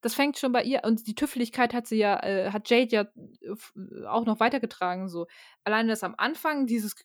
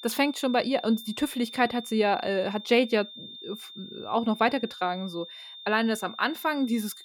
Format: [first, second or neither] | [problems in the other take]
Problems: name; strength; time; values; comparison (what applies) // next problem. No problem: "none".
first | high-pitched whine; noticeable; throughout; 3.5 kHz, 15 dB below the speech